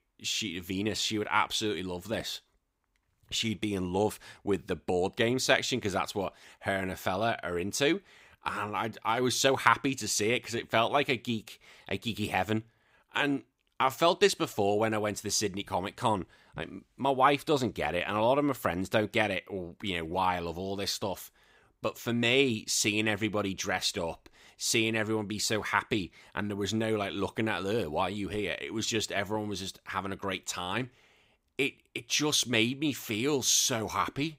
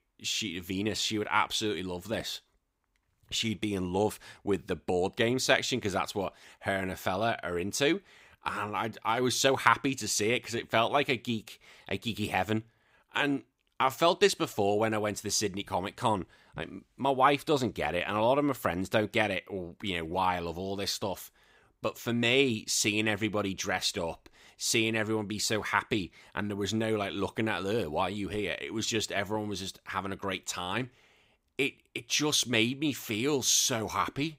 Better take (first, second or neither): neither